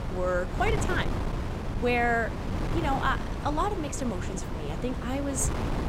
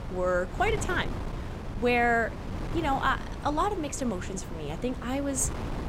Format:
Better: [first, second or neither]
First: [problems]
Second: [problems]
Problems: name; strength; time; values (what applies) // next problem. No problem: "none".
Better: second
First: wind noise on the microphone; heavy; 8 dB below the speech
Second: wind noise on the microphone; occasional gusts; 15 dB below the speech